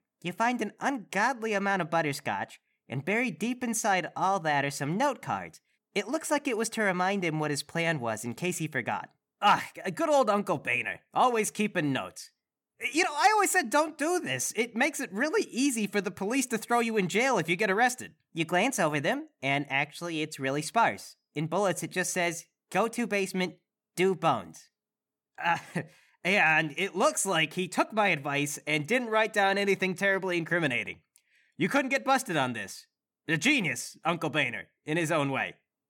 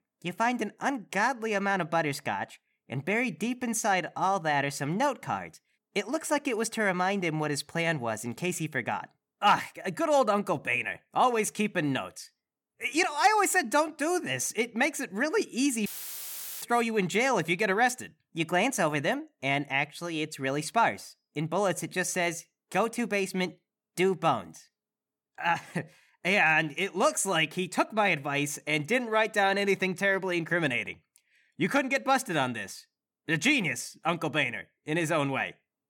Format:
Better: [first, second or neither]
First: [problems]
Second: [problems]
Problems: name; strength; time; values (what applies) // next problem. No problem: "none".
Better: first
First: none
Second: audio cutting out; filled with static; at 16 s for 1 s